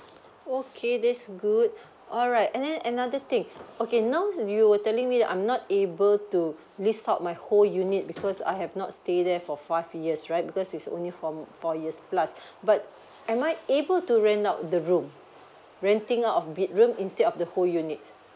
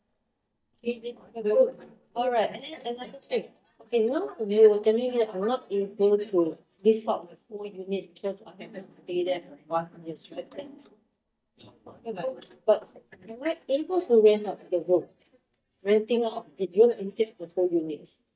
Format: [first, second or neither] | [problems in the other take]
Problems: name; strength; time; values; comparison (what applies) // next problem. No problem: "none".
first | noise reduction (neural mask model DeepFilterNet 3)